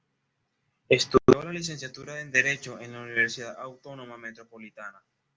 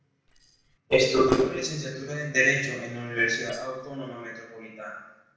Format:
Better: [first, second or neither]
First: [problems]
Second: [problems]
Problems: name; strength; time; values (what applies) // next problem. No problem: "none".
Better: first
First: none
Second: noise reduction (neural separator model SepFormer DNS4)